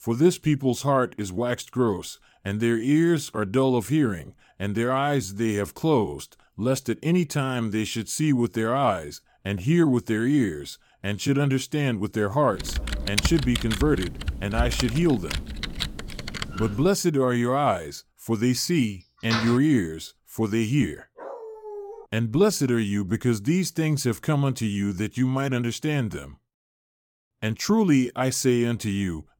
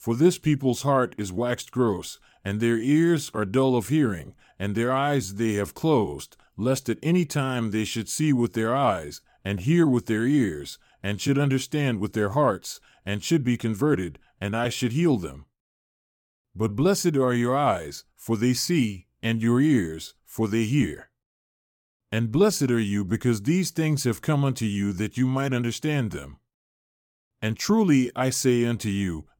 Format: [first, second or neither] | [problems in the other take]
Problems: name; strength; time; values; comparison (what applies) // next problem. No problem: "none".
second | keyboard typing; noticeable; from 13 to 17 s; peak 1 dB below the speech // door banging; noticeable; at 19 s; peak 4 dB below the speech // dog barking; faint; at 21 s; peak 15 dB below the speech